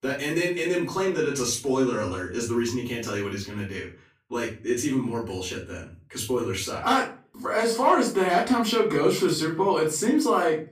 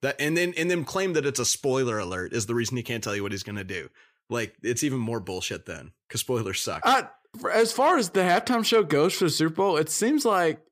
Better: second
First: off-mic speech; far // room echo; slight; dies away in 0.3 s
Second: none

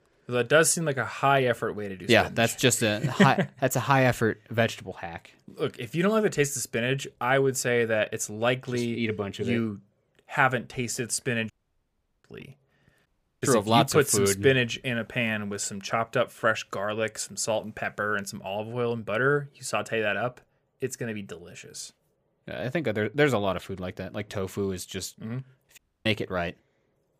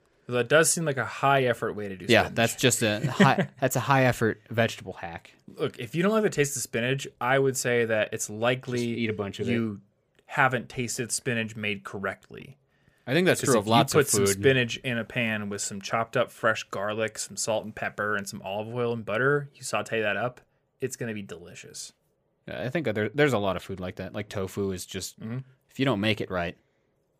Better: second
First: audio cutting out; at 12 s for 0.5 s, at 13 s and at 26 s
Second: none

